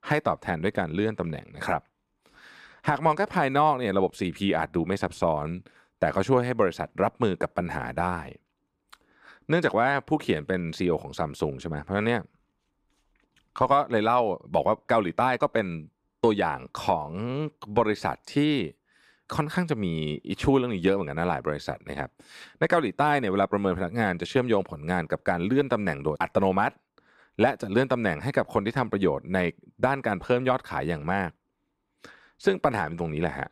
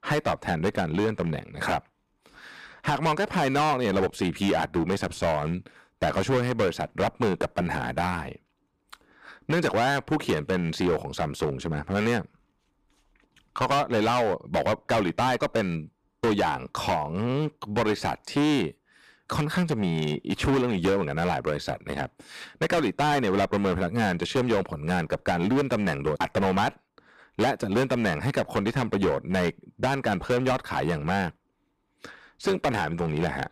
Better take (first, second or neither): first